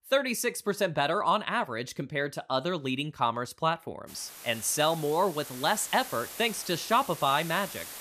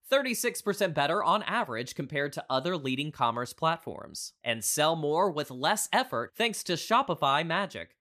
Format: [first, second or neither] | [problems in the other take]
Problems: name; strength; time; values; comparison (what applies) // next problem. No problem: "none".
second | hiss; noticeable; from 4 s on; 10 dB below the speech